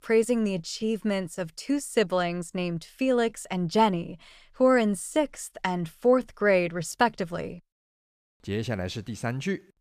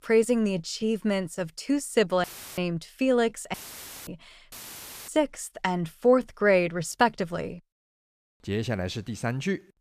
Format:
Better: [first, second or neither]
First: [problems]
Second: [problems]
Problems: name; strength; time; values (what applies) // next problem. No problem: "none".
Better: first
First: none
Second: audio cutting out; filled with static; at 2 s, at 3.5 s for 0.5 s and at 4.5 s for 0.5 s